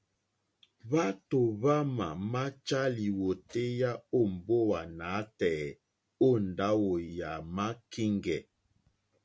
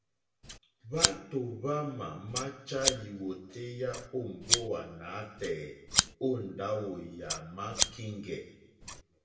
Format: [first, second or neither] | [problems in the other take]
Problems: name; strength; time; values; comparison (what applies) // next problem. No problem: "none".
first | background sound (Scissors); 1 dB above the speech // room echo; dies away in 0.9 s